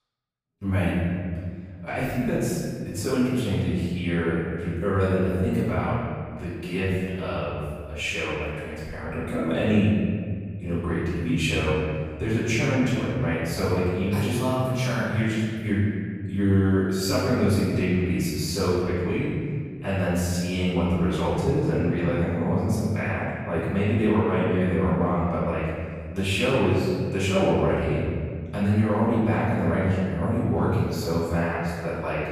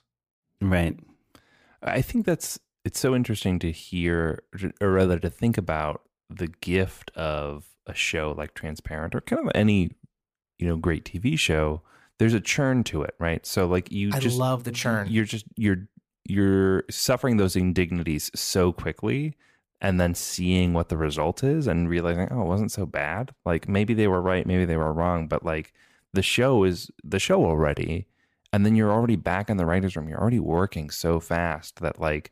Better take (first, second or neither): second